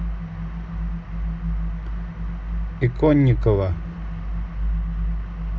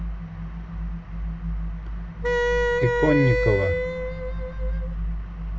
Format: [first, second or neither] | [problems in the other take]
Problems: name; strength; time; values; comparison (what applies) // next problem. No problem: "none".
first | background sound (Wind instrument, woodwind instrument); 1 dB above the speech